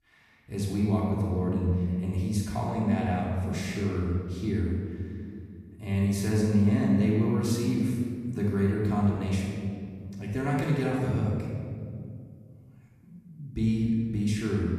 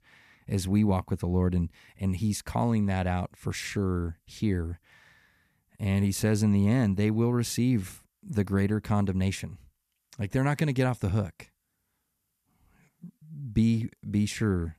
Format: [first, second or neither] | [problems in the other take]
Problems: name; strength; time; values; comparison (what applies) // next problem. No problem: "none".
second | room echo; strong; dies away in 2.3 s // off-mic speech; far